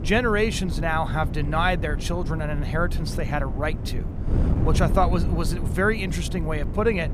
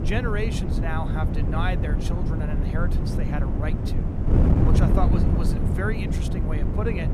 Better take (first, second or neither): first